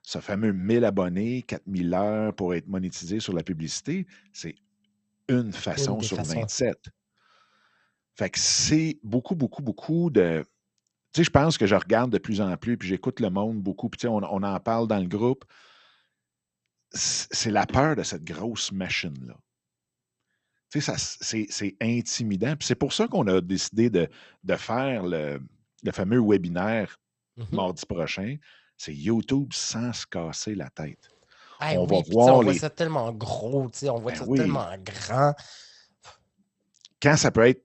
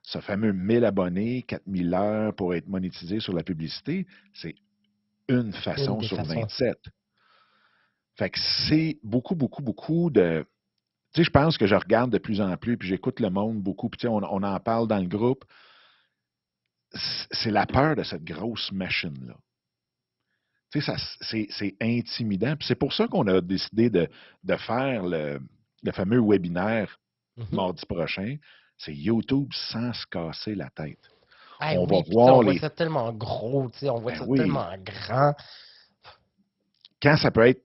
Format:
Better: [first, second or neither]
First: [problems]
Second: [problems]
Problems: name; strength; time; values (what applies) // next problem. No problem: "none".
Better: first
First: garbled, watery; slightly; nothing above 7.5 kHz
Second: garbled, watery; badly; nothing above 5.5 kHz